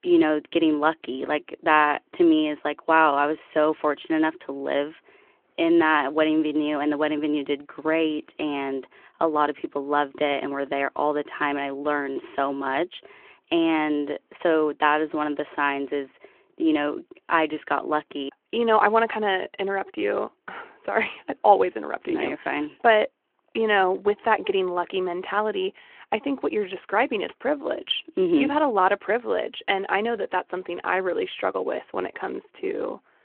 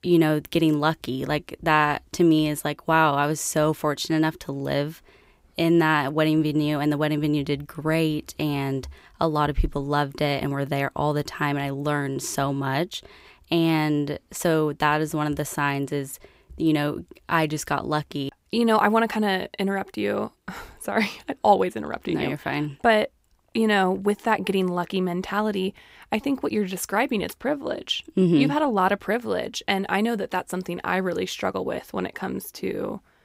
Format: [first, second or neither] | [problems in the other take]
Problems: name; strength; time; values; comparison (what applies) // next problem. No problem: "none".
second | phone-call audio